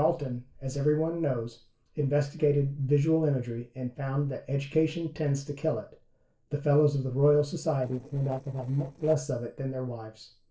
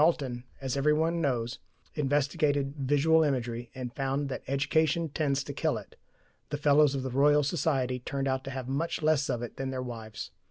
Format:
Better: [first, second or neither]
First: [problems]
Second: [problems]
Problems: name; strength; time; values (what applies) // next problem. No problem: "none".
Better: second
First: noise reduction (neural separator model SepFormer DNS4)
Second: none